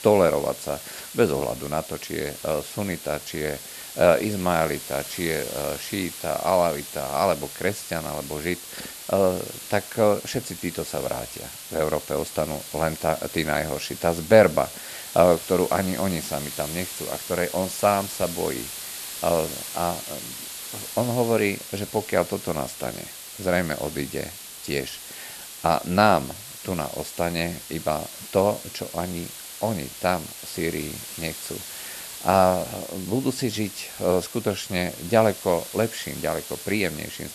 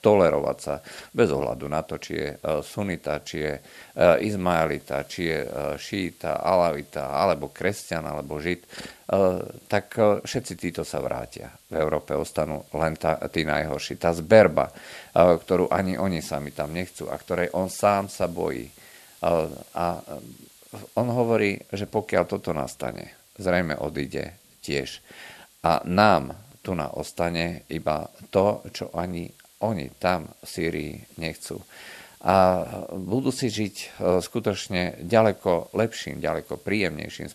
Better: second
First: hiss; loud; throughout; 10 dB below the speech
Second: hiss; faint; throughout; 25 dB below the speech

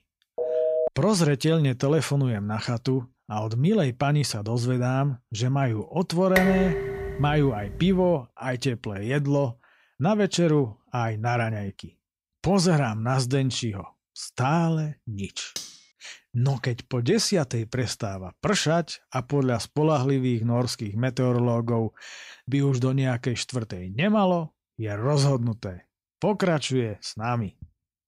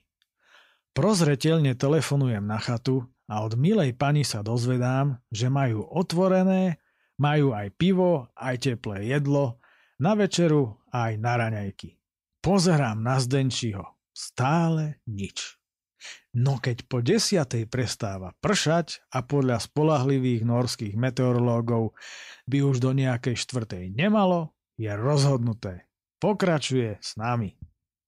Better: second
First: phone ringing; loud; at 0.5 s; peak 1 dB above the speech // clattering dishes; loud; from 6.5 to 8 s; peak 1 dB above the speech // clattering dishes; faint; at 16 s; peak 10 dB below the speech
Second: none

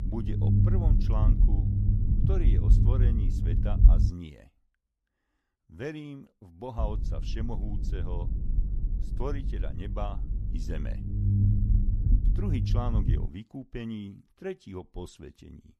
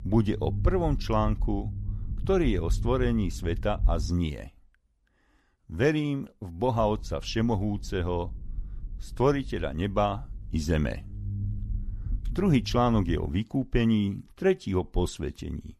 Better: second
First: low rumble; loud; until 4 s and from 7 to 13 s; 1 dB below the speech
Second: low rumble; faint; until 4 s and from 7 to 13 s; 20 dB below the speech

